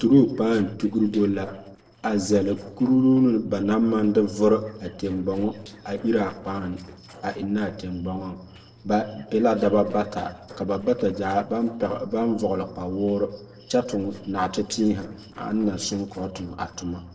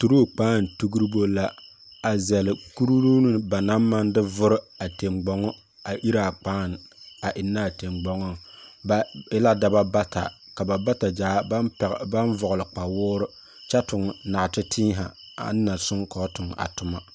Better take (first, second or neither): second